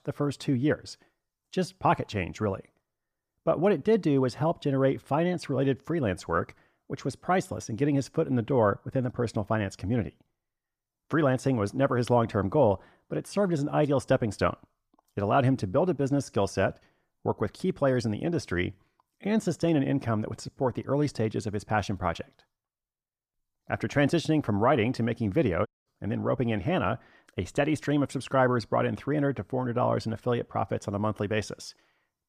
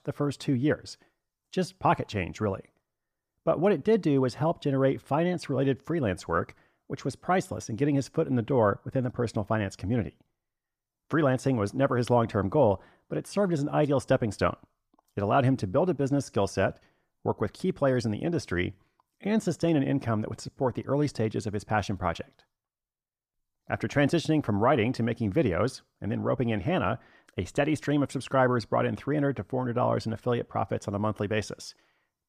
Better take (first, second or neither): second